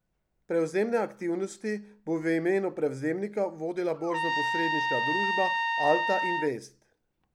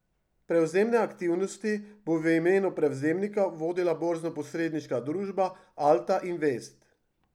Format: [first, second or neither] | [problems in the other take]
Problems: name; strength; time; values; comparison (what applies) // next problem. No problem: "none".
second | background sound (Trumpet); 1 dB above the speech